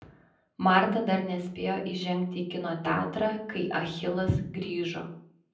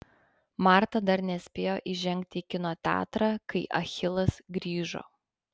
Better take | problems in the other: second | room echo; dies away in 0.6 s

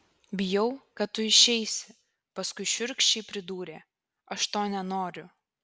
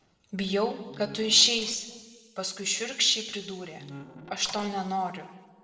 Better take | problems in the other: first | noise reduction (neural separator model SepFormer DNS4)

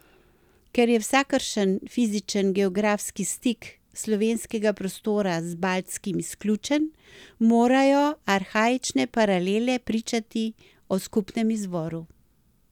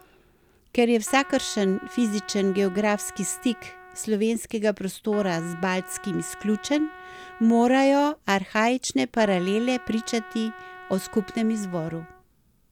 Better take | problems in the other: first | background sound (Trumpet); 19 dB below the speech

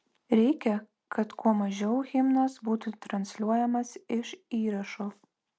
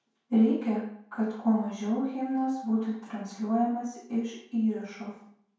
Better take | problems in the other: first | room echo; dies away in 0.5 s

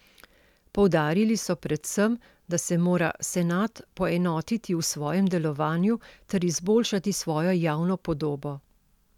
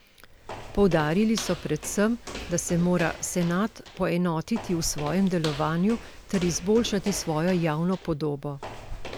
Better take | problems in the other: first | background sound (Walk, footsteps); 13 dB below the speech

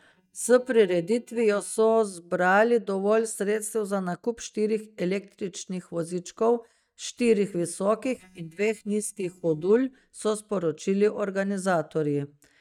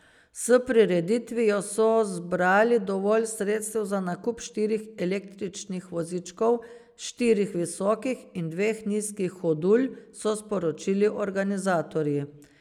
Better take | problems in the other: second | noise reduction (neural mask model DeepFilterNet 3)

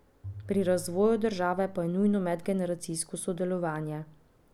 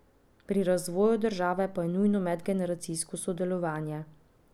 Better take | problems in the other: second | background sound (Bowed string instrument); 19 dB below the speech

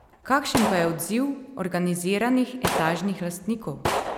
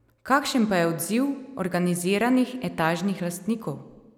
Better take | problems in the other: second | background sound (Gunshot, gunfire); 6 dB below the speech

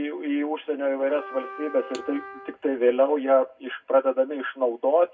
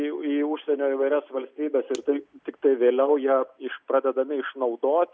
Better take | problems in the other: second | background sound (Trumpet); 17 dB below the speech // room echo; dies away in 0.3 s

